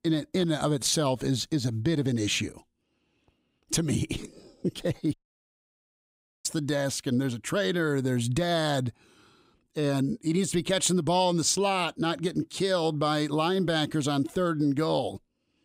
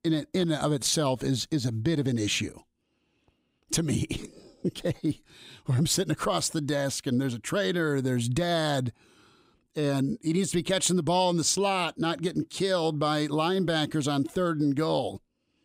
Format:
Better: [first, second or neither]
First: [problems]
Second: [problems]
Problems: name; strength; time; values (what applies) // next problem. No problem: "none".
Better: second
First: audio cutting out; at 5 s for 1.5 s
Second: none